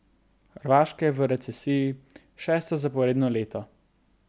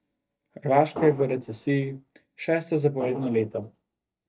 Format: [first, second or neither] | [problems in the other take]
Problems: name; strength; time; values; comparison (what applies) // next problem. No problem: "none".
first | noise reduction (neural mask model DeepFilterNet 3)